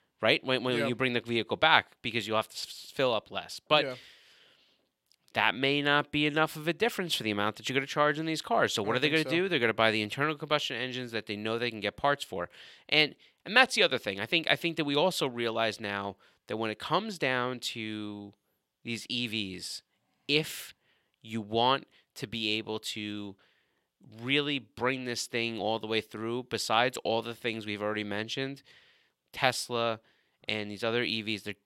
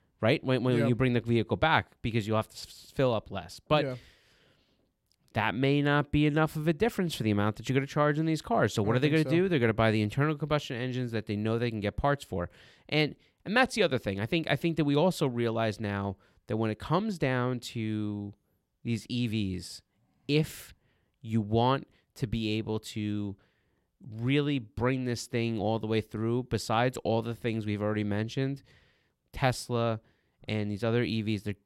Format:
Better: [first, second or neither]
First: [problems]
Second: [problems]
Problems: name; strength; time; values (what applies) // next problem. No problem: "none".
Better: second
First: thin; somewhat; fading below 1 kHz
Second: none